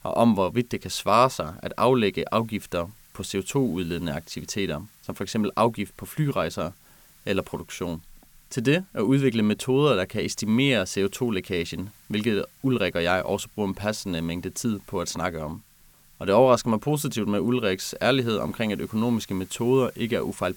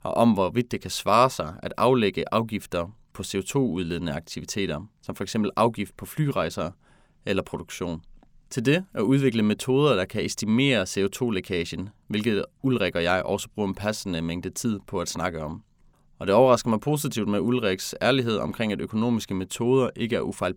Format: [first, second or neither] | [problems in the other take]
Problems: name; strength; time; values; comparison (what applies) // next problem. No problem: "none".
second | hiss; faint; throughout; 25 dB below the speech